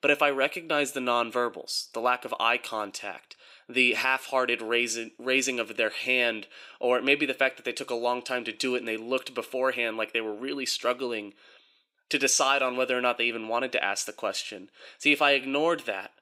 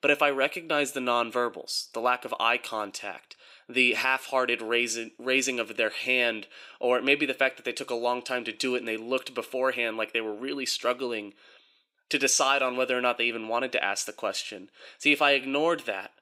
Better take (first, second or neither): neither